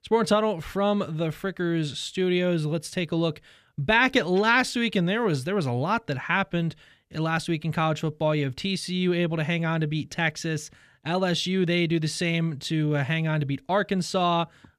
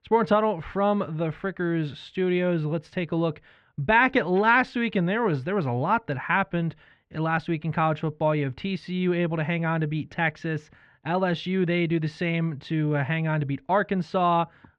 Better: first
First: none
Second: muffled; very; fading above 2 kHz

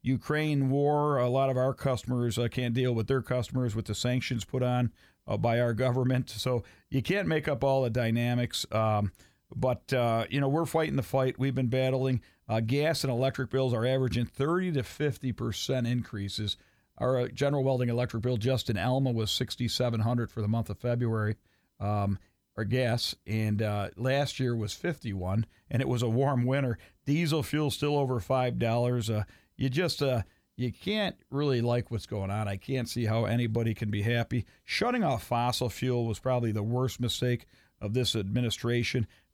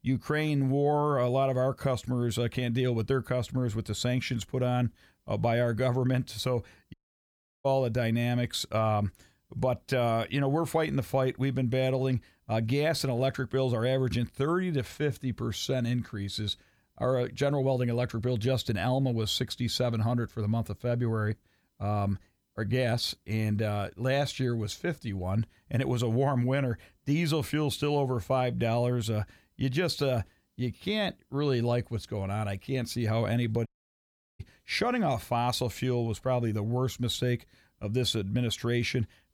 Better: first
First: none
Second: audio cutting out; at 7 s for 0.5 s and at 34 s for 0.5 s

